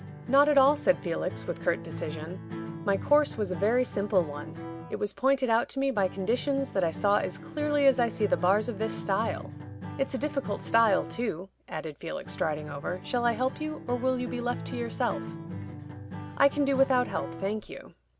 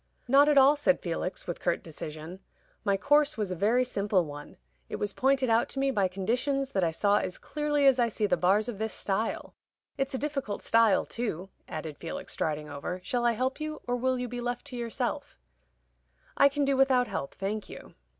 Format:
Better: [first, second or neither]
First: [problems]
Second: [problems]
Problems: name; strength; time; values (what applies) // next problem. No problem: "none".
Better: second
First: background sound (Acoustic guitar); 11 dB below the speech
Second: none